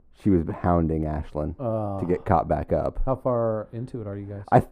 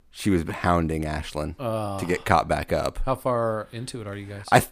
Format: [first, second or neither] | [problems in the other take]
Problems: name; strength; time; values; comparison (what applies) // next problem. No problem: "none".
second | muffled; very; fading above 1.5 kHz